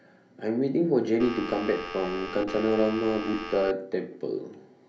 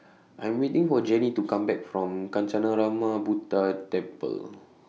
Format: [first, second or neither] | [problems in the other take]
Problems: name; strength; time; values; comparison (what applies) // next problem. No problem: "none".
second | background sound (Telephone); 9 dB below the speech // room echo; dies away in 0.3 s